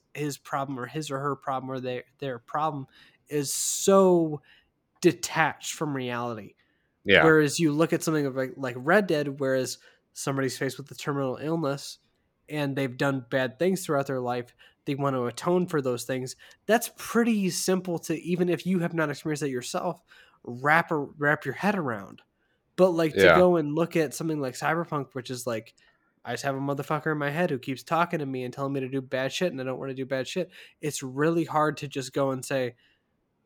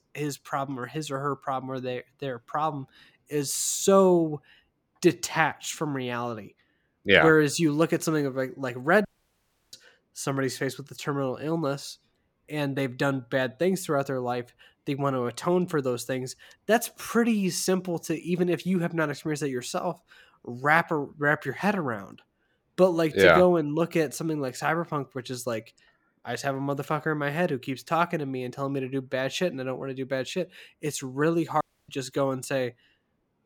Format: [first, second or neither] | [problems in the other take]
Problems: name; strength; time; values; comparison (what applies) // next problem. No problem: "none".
first | audio cutting out; at 9 s for 0.5 s and at 32 s